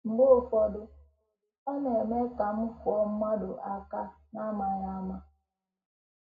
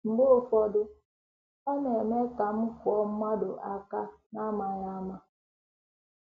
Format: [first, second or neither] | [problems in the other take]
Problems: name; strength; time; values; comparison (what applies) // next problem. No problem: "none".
second | room echo; dies away in 0.3 s